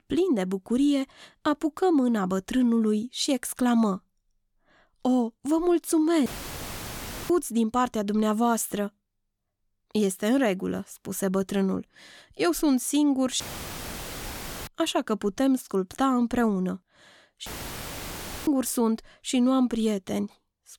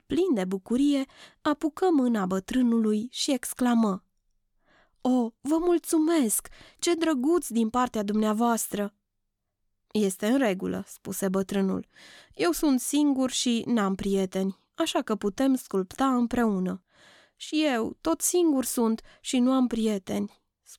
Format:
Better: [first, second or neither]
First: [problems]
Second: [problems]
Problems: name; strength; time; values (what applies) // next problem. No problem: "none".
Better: second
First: audio cutting out; filled with static; at 6.5 s for 1 s, at 13 s for 1.5 s and at 17 s for 1 s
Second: none